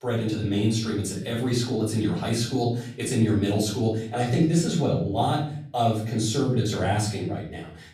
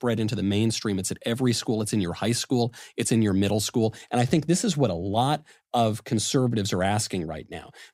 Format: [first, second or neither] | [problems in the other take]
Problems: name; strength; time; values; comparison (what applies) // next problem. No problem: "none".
second | off-mic speech; far // room echo; noticeable; dies away in 0.7 s